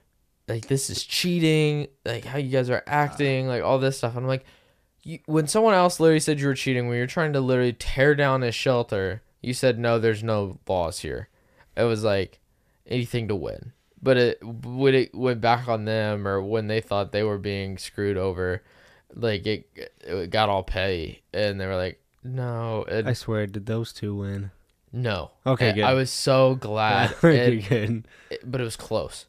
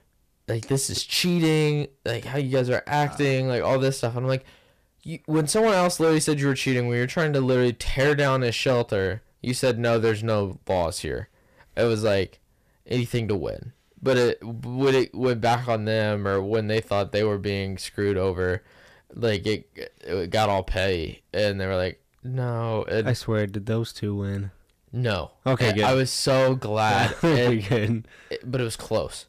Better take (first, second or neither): first